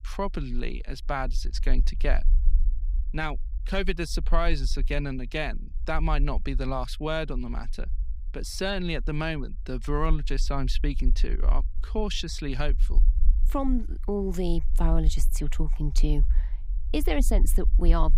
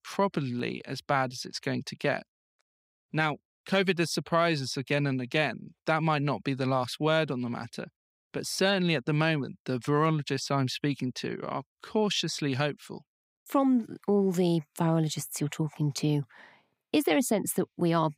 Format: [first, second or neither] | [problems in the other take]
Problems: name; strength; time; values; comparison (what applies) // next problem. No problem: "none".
second | low rumble; faint; throughout; 20 dB below the speech